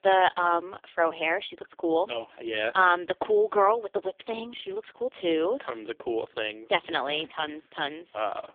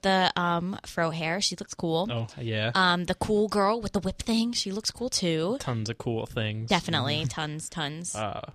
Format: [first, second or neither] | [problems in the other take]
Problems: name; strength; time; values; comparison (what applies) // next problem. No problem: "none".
second | phone-call audio; poor line; nothing above 3.5 kHz